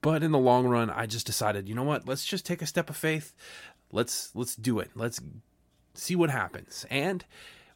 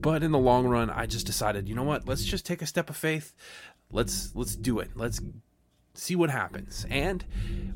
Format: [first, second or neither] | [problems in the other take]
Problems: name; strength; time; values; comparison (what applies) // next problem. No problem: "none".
first | low rumble; faint; until 2.5 s, from 4 to 5.5 s and from 6.5 s on; 20 dB below the speech